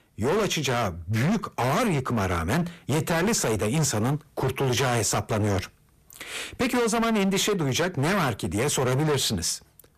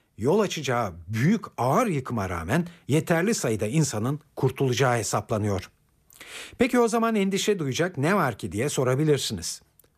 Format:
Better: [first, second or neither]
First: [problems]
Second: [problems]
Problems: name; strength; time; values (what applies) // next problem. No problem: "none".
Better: second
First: distortion; heavy; 25% of the sound clipped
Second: none